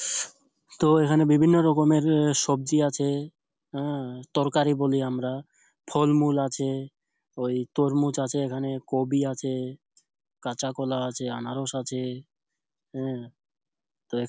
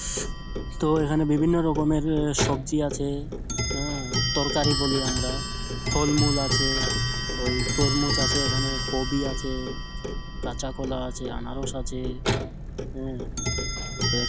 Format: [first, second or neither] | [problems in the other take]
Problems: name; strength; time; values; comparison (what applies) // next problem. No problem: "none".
first | background sound (Clock); as loud as the speech